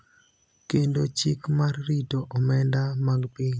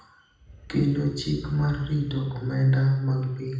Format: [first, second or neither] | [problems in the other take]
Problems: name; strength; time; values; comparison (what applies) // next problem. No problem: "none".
first | background sound (Animal); 18 dB below the speech // room echo; dies away in 0.8 s